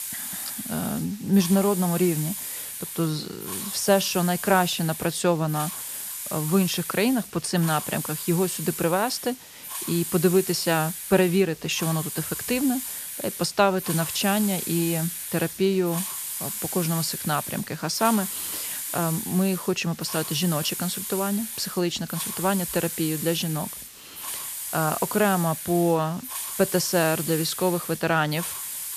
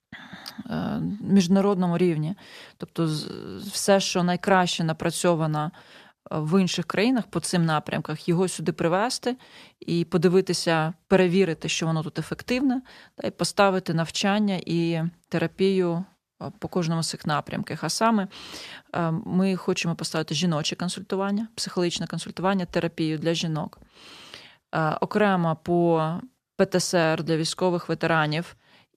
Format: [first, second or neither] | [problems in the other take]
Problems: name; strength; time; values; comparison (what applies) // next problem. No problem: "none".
second | hiss; loud; throughout; 6 dB below the speech